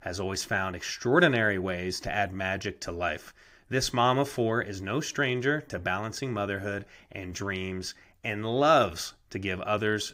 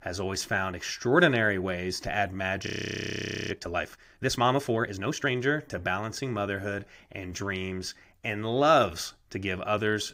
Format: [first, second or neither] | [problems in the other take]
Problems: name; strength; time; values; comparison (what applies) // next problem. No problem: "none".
first | audio freezing; at 2.5 s for 1 s